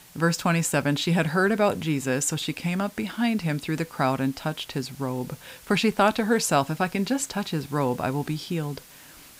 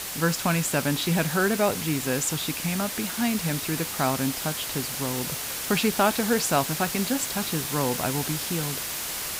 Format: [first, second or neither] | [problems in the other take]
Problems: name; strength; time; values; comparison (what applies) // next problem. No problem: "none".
first | hiss; loud; throughout; 3 dB below the speech; faint in the first